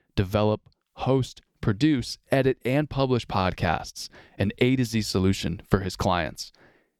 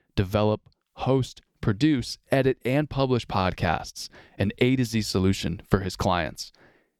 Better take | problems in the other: neither | none

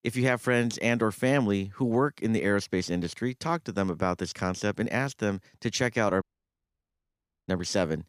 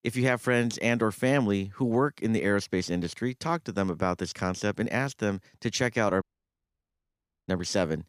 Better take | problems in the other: neither | audio cutting out; at 6 s for 1.5 s; the same in both

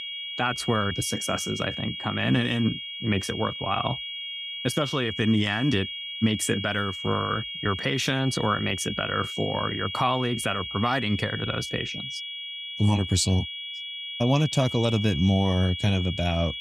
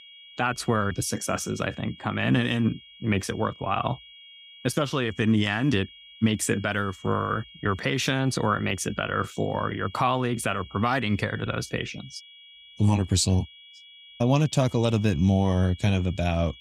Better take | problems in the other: second | high-pitched whine; loud; throughout; 3.5 kHz, 6 dB below the speech; faint in the second

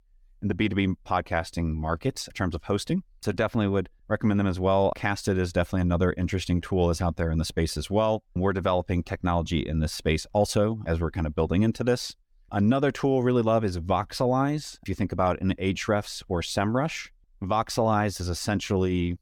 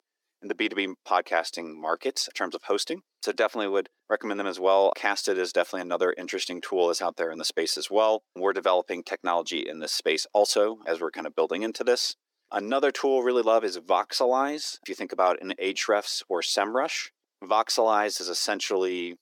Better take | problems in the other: first | thin; very; fading below 350 Hz

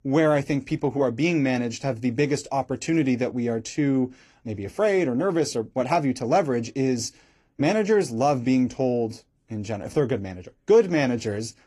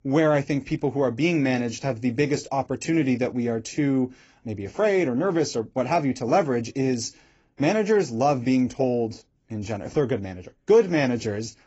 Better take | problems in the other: first | garbled, watery; badly; nothing above 7.5 kHz; slightly in the first

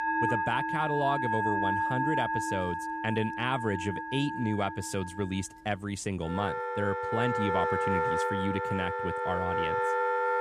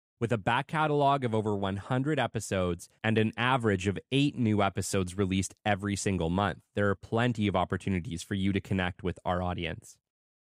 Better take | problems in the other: second | background music; very loud; throughout; 2 dB above the speech

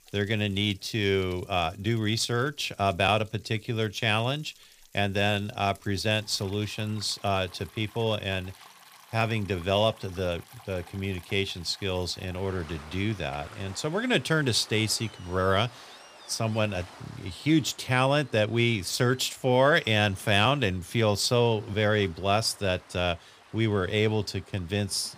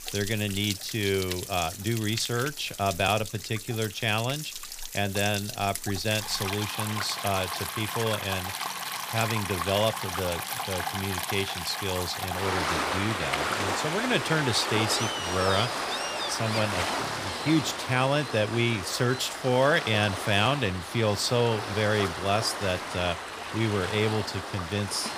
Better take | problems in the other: first | rain or running water; loud; throughout; 4 dB below the speech; faint in the first

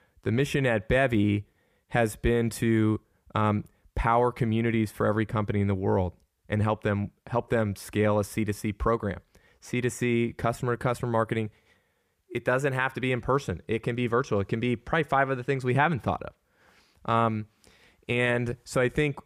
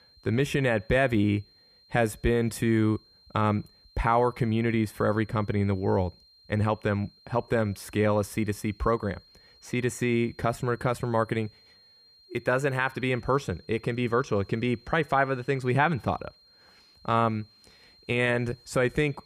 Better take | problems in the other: first | high-pitched whine; faint; throughout; 4 kHz, 30 dB below the speech

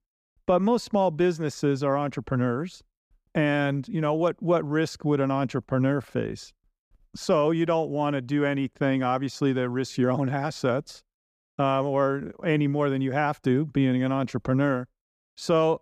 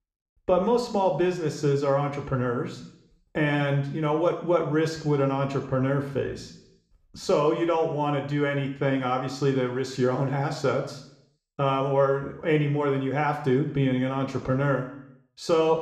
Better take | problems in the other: first | room echo; slight; dies away in 0.7 s

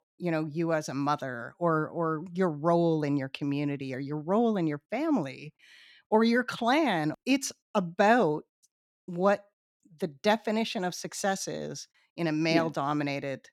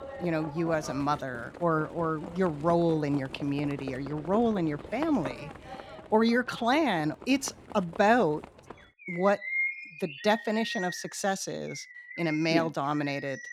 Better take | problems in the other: first | animal sounds; noticeable; throughout; 10 dB below the speech

